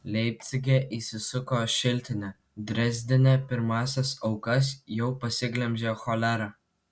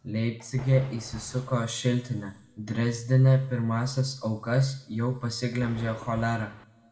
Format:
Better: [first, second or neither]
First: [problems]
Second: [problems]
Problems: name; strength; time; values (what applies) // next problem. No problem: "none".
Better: first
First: none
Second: background sound (Thunder); 17 dB below the speech // room echo; dies away in 1 s